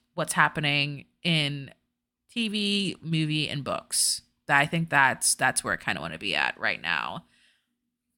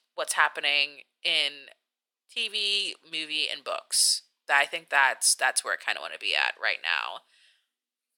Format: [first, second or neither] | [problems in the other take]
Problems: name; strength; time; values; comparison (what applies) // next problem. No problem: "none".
first | thin; very; fading below 500 Hz